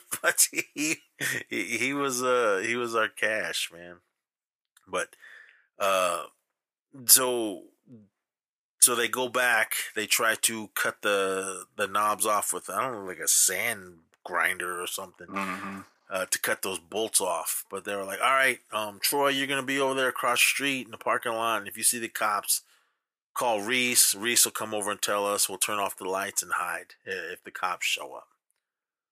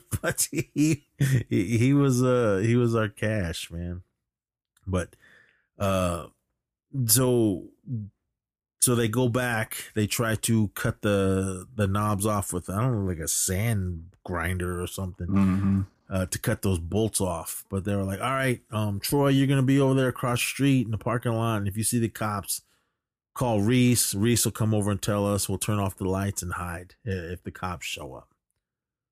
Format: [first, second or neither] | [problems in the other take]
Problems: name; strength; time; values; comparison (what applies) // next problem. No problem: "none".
second | thin; very; fading below 650 Hz